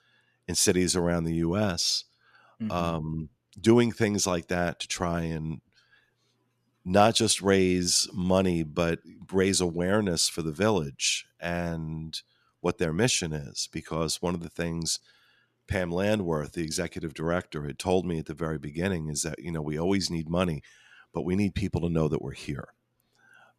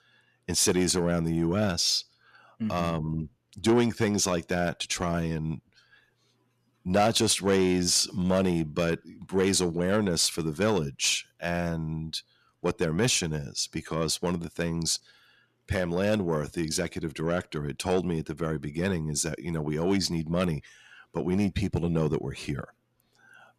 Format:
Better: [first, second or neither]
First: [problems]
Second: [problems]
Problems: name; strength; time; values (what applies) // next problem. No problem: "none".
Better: first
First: none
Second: distortion; slight; 10 dB below the speech